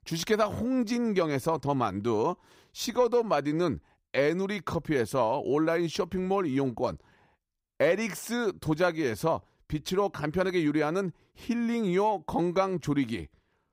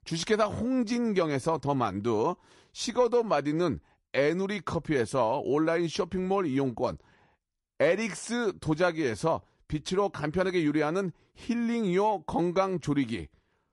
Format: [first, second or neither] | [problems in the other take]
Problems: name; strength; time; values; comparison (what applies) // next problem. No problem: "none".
first | garbled, watery; slightly; nothing above 11 kHz